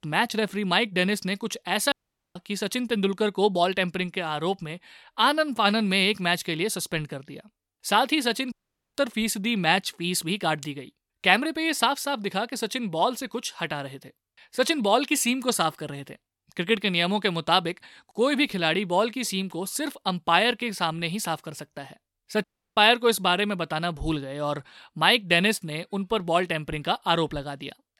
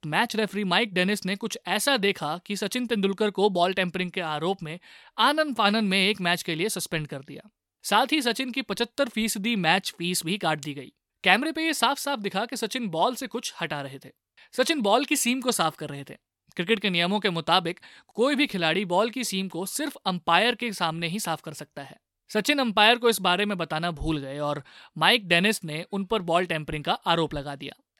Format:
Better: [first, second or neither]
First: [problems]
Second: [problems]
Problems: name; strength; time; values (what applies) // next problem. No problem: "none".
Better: second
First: audio cutting out; at 2 s, at 8.5 s and at 22 s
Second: none